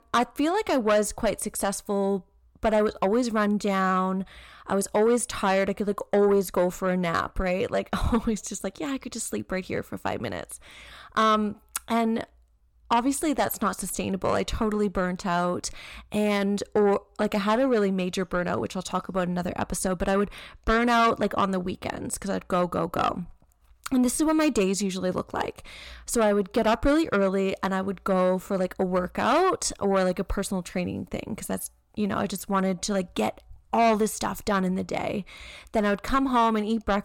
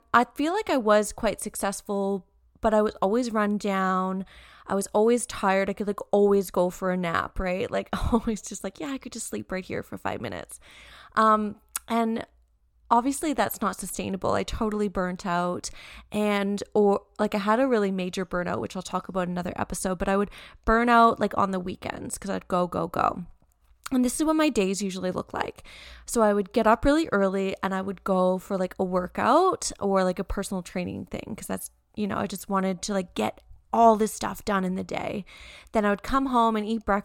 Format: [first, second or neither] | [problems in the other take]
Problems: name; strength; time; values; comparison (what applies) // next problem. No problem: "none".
second | distortion; slight; 10 dB below the speech